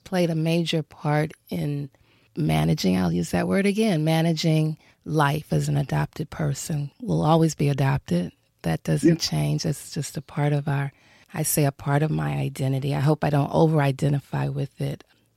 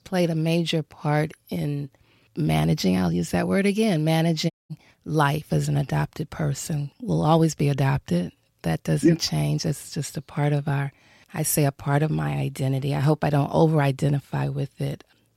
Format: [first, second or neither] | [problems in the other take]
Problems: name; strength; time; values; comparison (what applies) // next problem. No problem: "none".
first | audio cutting out; at 4.5 s